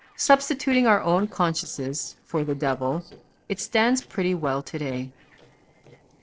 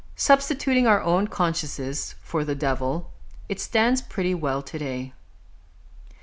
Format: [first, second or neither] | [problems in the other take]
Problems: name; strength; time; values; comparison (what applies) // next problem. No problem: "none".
second | noise reduction (neural separator model SepFormer DNS4)